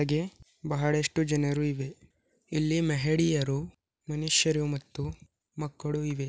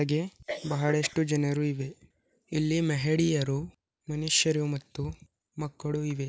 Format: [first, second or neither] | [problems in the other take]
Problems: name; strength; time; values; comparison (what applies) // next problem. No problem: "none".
first | noise reduction (neural mask model Resemble Enhance denoiser)